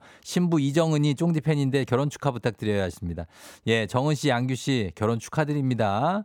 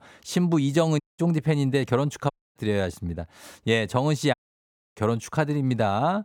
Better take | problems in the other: first | audio cutting out; at 1 s, at 2.5 s and at 4.5 s for 0.5 s

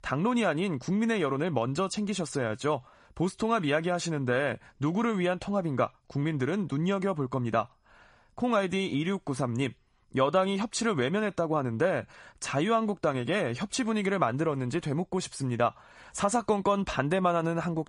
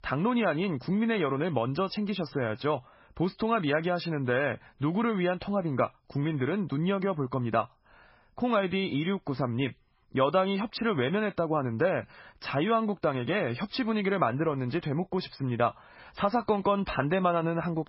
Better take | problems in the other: first | garbled, watery; badly; nothing above 5.5 kHz; slightly in the first

